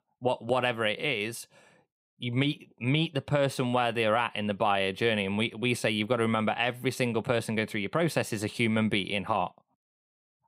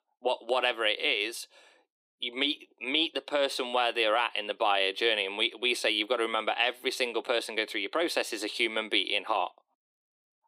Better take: first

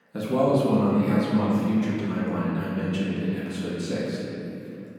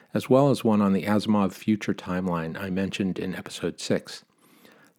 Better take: second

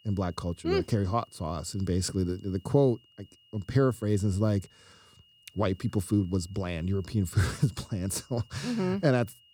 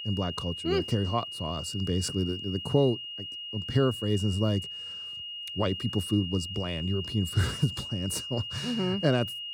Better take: first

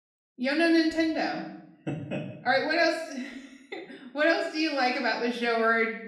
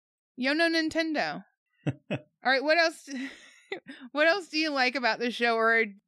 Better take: second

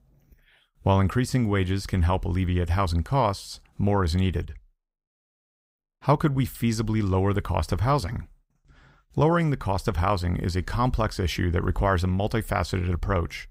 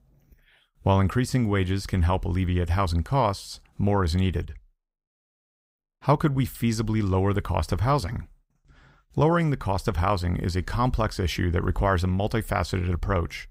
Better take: neither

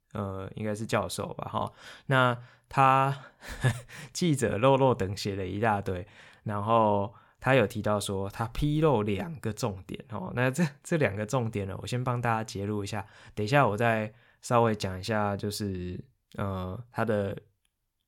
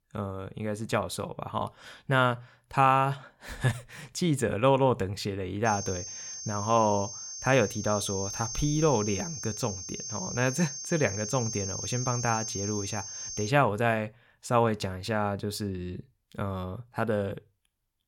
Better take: first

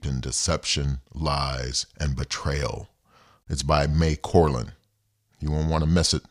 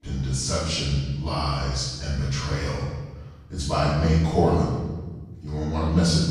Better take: first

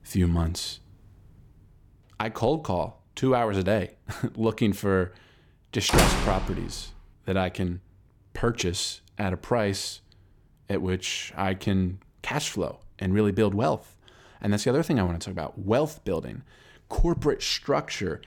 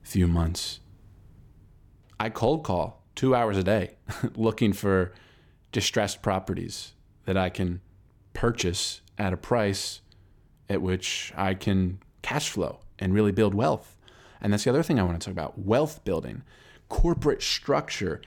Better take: second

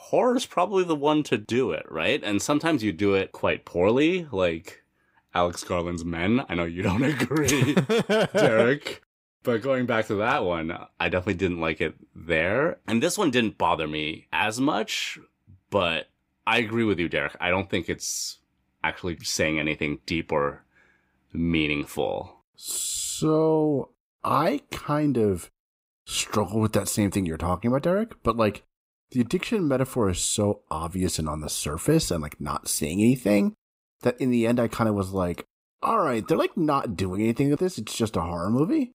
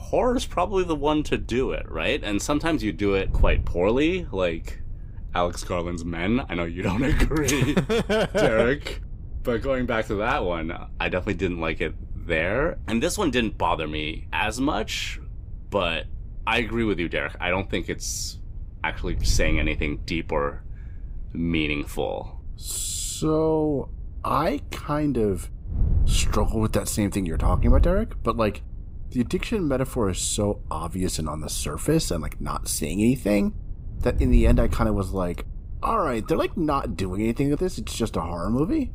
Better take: first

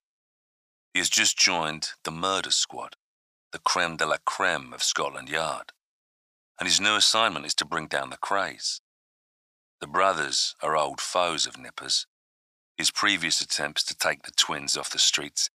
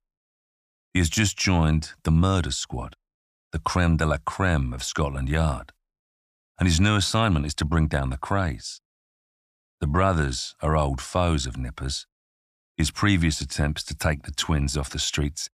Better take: second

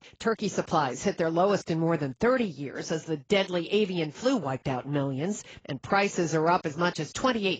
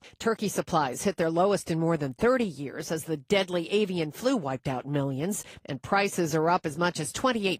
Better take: second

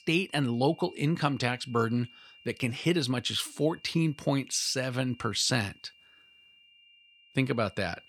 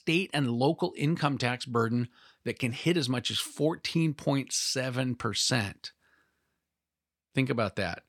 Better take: second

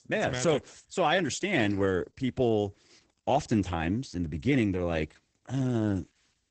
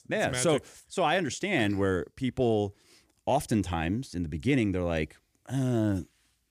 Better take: second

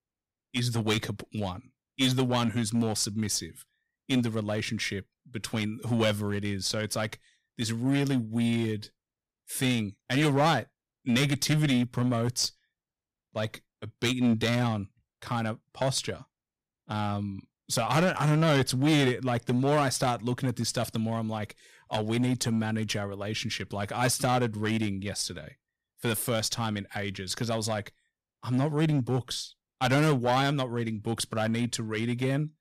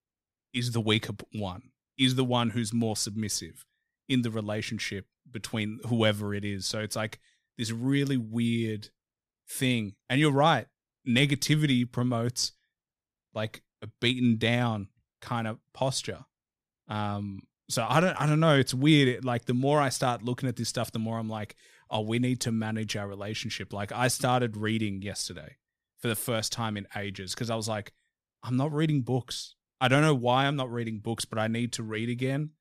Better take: second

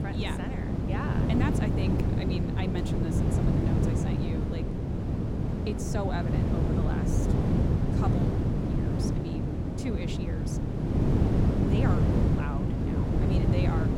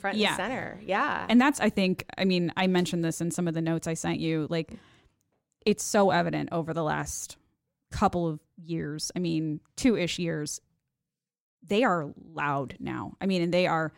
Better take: second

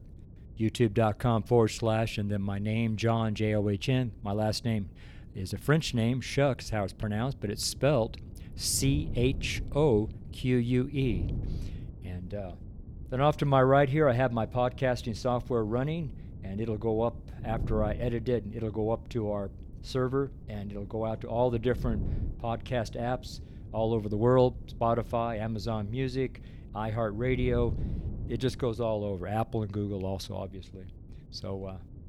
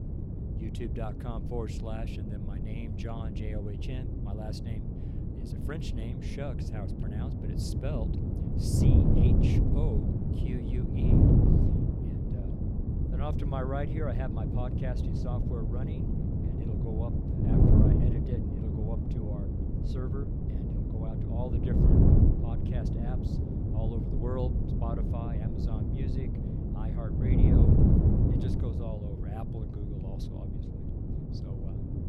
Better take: first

